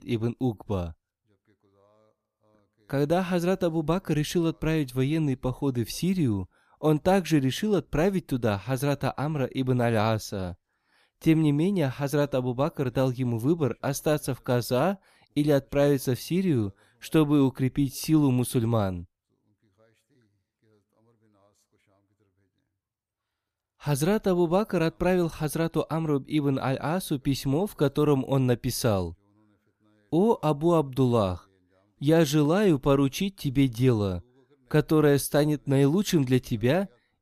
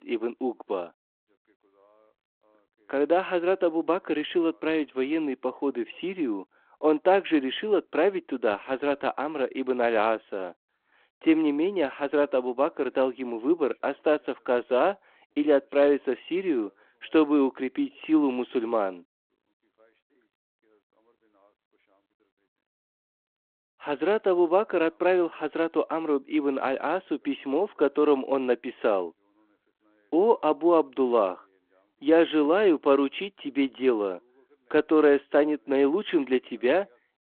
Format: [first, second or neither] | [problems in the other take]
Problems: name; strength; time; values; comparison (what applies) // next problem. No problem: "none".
first | phone-call audio